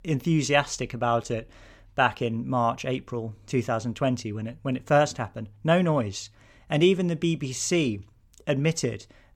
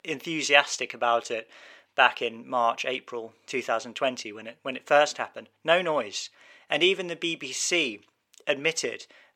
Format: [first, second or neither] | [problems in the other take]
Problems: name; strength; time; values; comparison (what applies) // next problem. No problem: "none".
first | thin; very; fading below 450 Hz